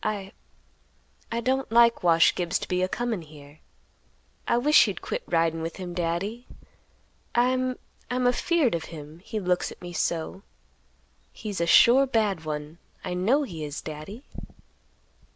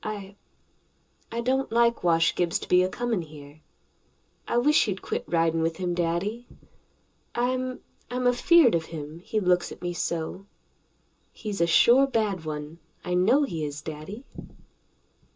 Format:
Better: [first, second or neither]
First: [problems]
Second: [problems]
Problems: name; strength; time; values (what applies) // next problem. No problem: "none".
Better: first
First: none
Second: room echo; dies away in 0.2 s